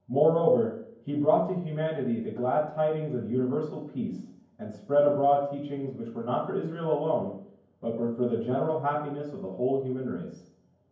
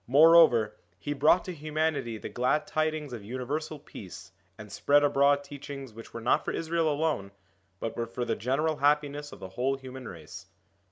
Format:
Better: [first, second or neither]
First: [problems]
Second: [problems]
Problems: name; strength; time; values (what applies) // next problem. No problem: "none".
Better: second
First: room echo; dies away in 0.9 s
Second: none